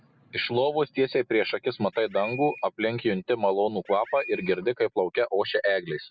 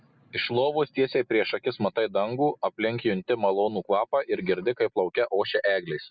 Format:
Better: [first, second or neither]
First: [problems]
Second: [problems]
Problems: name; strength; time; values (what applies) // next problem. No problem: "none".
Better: second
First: background sound (Bird); 14 dB below the speech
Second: none